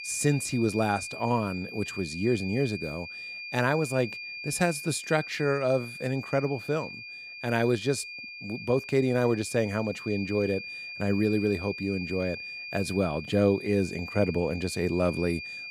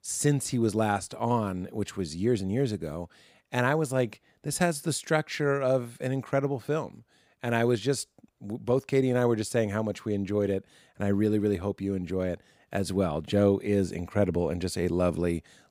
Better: second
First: high-pitched whine; loud; throughout; 2.5 kHz, 9 dB below the speech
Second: none

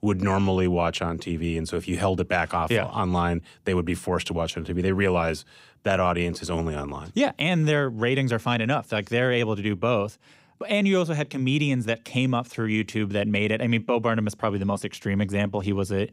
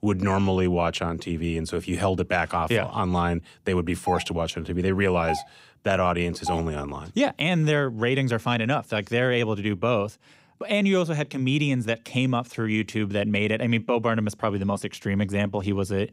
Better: first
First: none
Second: doorbell; noticeable; from 4 to 6.5 s; peak 7 dB below the speech

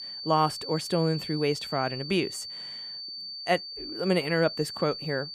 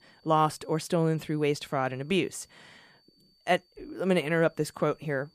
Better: second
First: high-pitched whine; loud; throughout; 4.5 kHz, 8 dB below the speech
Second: high-pitched whine; faint; throughout; 4.5 kHz, 35 dB below the speech

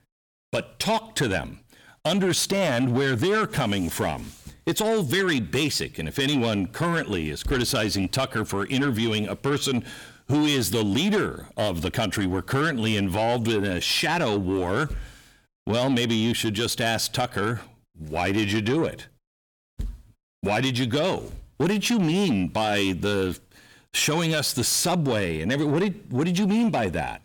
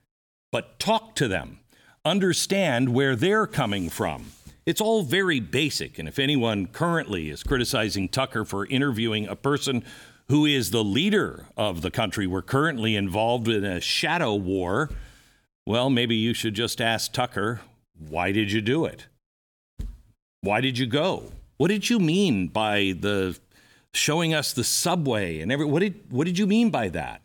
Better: second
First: distortion; slight; 10 dB below the speech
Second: none

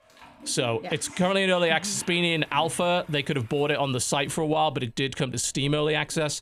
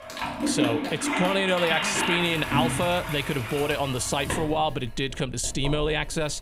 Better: first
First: household noises; faint; throughout; 25 dB below the speech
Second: household noises; loud; throughout; 3 dB below the speech

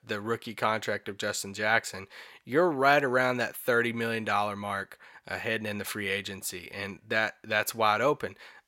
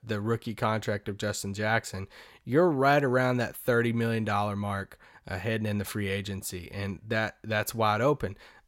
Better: second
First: thin; very slightly; fading below 850 Hz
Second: none

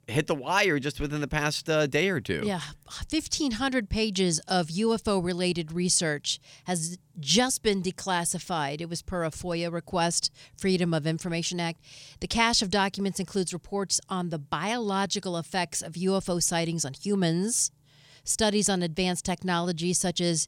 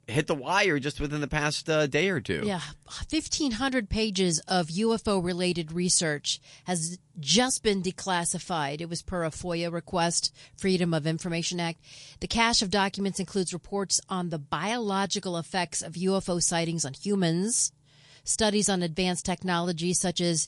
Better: first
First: none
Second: garbled, watery; slightly; nothing above 9 kHz

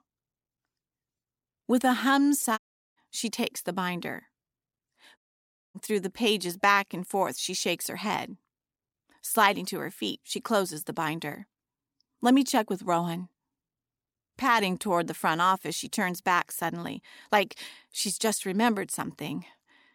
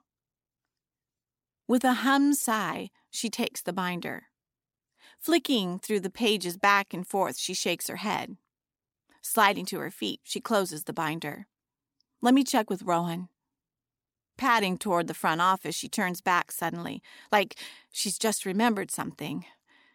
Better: second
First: audio cutting out; at 2.5 s and at 5 s for 0.5 s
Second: none

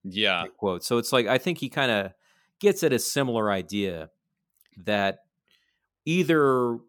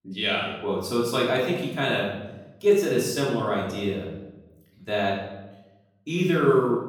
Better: first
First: none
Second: off-mic speech; far // room echo; noticeable; dies away in 0.9 s

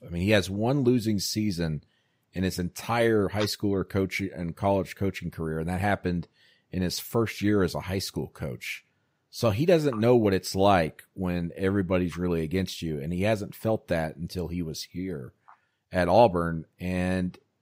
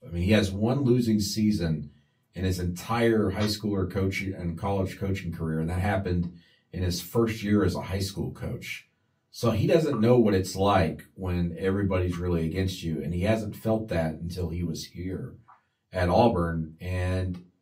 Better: first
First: none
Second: off-mic speech; far // room echo; very slight; dies away in 0.2 s

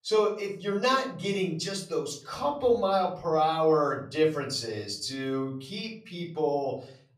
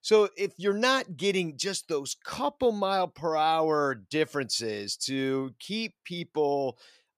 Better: second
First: room echo; slight; dies away in 0.6 s // off-mic speech; far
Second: none

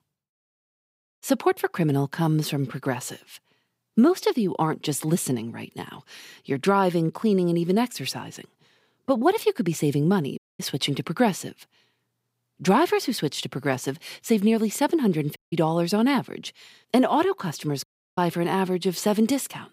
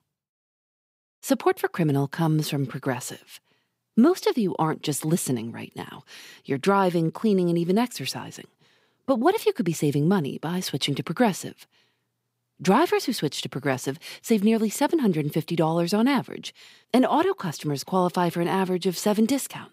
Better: second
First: audio cutting out; at 10 s, at 15 s and at 18 s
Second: none

